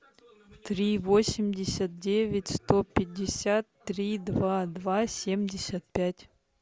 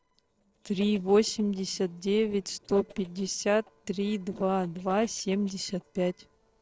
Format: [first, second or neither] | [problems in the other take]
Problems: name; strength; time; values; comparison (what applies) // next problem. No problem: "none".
first | noise reduction (neural separator model SepFormer DNS4)